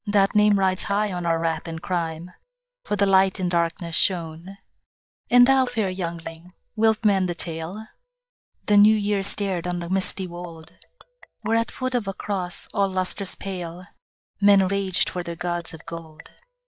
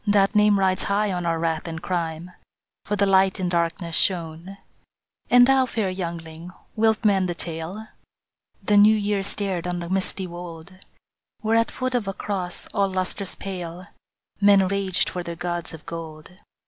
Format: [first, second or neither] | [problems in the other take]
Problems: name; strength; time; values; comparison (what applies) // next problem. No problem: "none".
second | noise reduction (neural mask model DeepFilterNet 3)